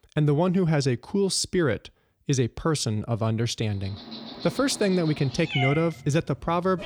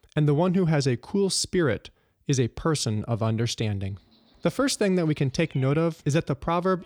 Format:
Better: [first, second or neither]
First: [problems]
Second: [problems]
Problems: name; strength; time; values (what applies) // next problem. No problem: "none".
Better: second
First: animal sounds; loud; from 4 s on; 9 dB below the speech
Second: animal sounds; faint; from 4 s on; 30 dB below the speech